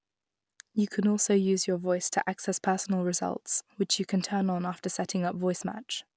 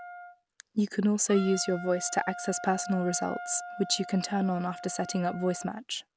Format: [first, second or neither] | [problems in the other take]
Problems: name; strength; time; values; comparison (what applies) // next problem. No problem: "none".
first | background sound (Wind instrument, woodwind instrument); 12 dB below the speech